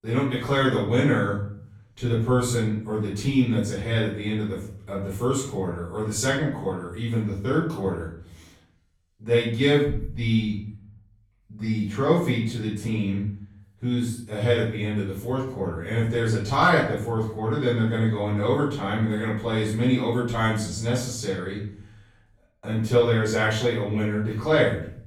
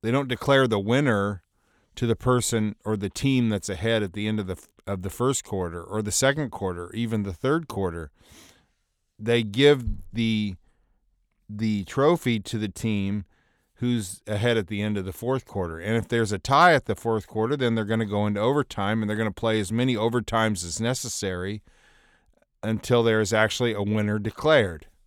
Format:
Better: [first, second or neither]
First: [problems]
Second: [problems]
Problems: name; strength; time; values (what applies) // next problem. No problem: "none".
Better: second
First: off-mic speech; far // room echo; noticeable; dies away in 0.6 s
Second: none